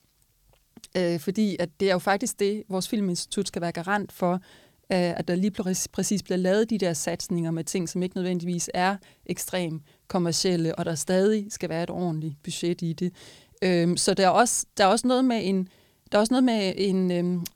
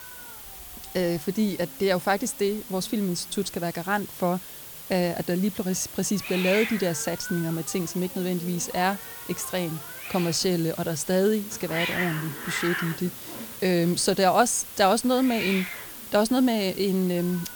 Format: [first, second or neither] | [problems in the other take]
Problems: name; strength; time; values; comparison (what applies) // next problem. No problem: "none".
first | hiss; loud; throughout; 9 dB below the speech